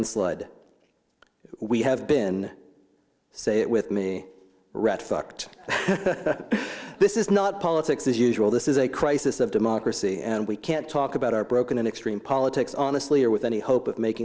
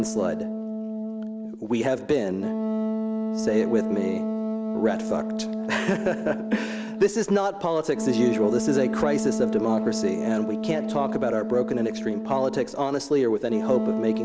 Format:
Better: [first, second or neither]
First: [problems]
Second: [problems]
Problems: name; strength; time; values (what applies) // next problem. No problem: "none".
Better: first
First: none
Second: background sound (Wind instrument, woodwind instrument); 3 dB below the speech